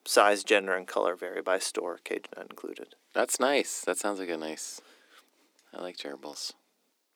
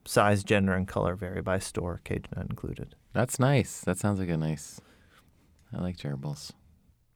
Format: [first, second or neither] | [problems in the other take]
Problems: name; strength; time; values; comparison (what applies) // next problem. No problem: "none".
second | thin; very; fading below 300 Hz